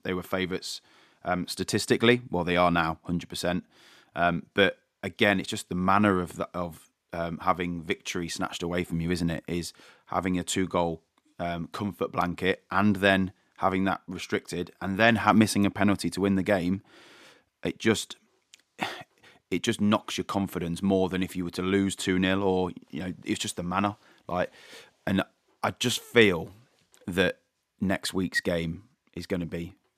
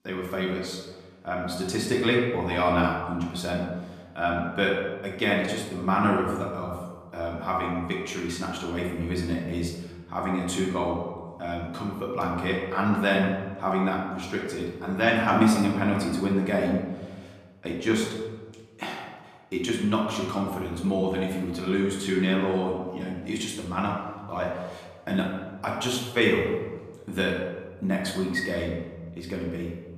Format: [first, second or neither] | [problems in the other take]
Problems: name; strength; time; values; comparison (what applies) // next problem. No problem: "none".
first | room echo; noticeable; dies away in 1.1 s // off-mic speech; far